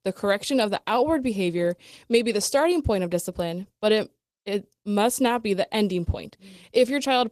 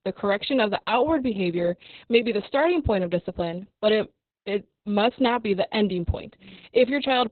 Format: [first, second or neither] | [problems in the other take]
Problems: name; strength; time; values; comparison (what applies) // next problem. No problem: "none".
first | garbled, watery; badly; nothing above 4 kHz; slightly in the first